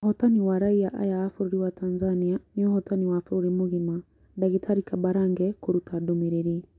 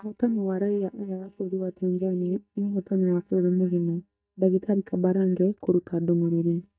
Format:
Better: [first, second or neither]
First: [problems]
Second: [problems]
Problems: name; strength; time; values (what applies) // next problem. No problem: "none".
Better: first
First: none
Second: noise reduction (neural mask model DeepFilterNet 3)